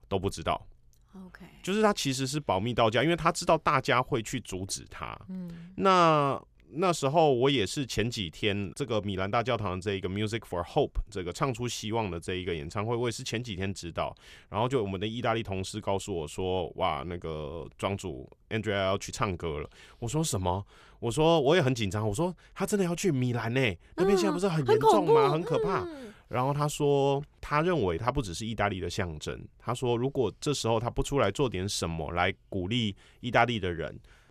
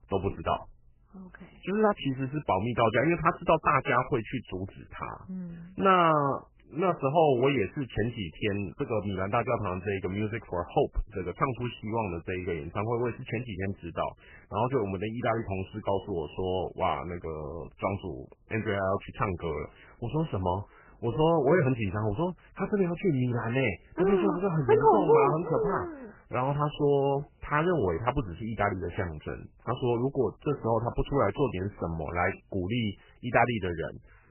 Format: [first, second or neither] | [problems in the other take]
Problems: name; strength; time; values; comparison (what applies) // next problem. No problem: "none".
first | garbled, watery; badly; nothing above 3 kHz